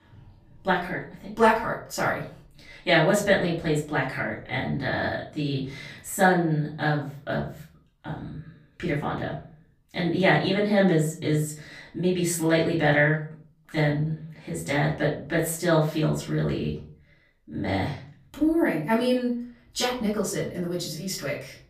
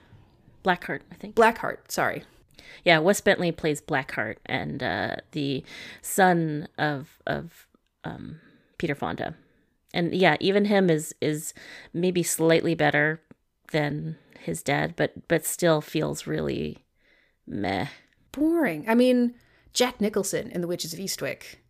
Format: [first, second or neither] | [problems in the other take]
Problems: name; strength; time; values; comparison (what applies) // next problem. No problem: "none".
second | off-mic speech; far // room echo; slight; dies away in 0.4 s